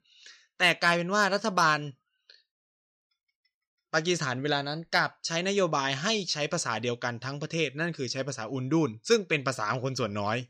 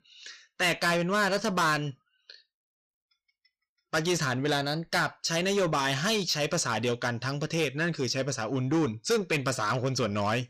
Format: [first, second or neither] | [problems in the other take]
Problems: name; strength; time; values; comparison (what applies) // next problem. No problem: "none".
first | distortion; heavy; 8 dB below the speech